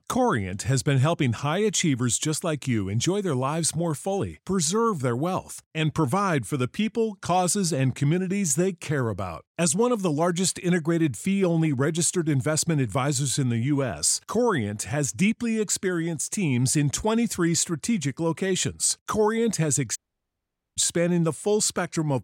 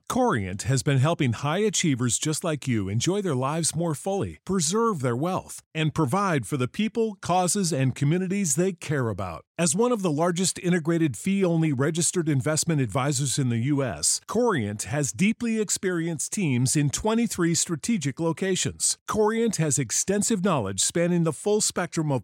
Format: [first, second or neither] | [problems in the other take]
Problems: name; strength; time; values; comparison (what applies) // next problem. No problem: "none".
second | audio cutting out; at 20 s for 1 s